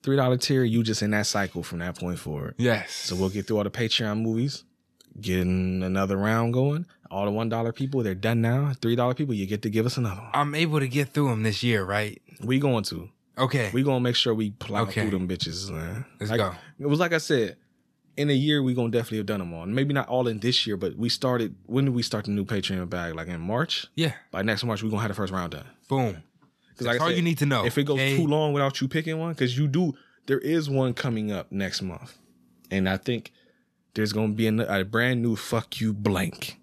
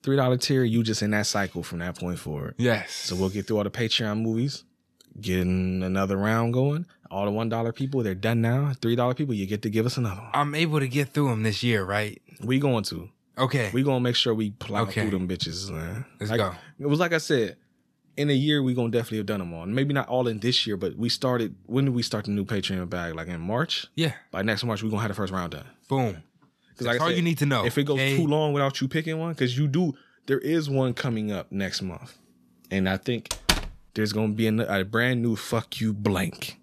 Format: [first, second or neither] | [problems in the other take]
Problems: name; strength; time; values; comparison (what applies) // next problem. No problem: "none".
first | door banging; loud; at 33 s; peak 2 dB above the speech